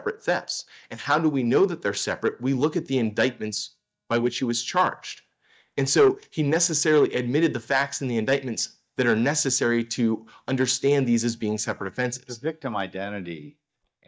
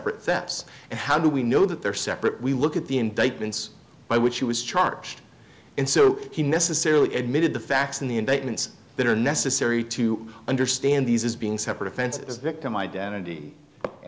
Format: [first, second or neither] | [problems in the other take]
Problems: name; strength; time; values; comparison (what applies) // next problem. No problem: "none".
second | noise reduction (neural mask model DeepFilterNet 3)